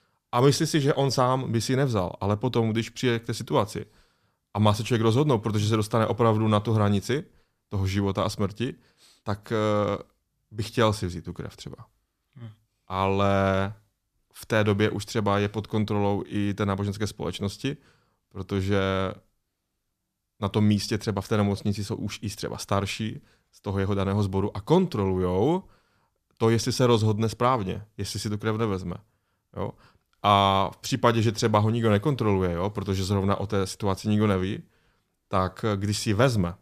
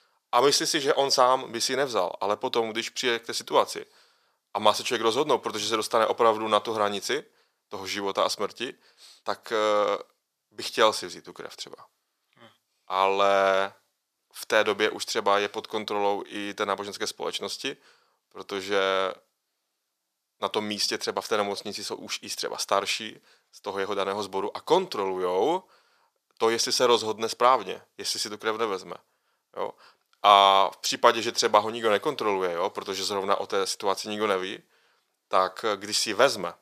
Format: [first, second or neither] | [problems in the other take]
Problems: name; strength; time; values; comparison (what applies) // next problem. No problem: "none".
first | thin; very; fading below 550 Hz